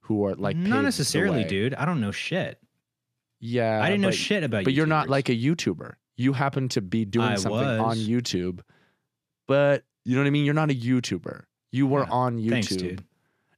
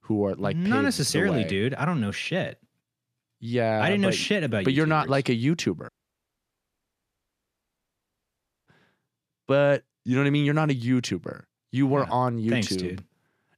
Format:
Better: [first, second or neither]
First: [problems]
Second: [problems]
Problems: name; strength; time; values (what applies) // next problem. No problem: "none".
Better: first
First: none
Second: audio cutting out; at 6 s for 3 s